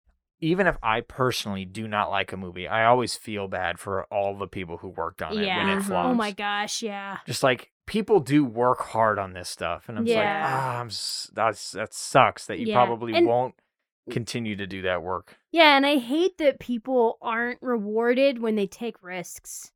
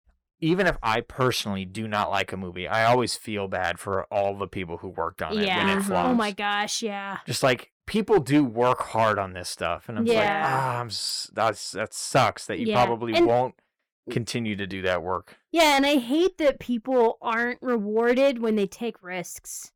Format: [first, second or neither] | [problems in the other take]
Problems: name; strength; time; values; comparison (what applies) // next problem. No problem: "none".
first | distortion; slight; 3% of the sound clipped